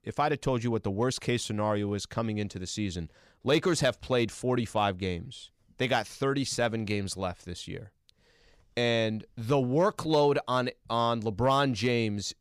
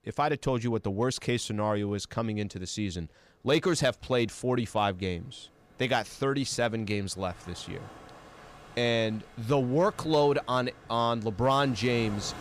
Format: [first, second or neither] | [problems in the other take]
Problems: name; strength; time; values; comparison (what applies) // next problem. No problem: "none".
first | rain or running water; faint; throughout; 20 dB below the speech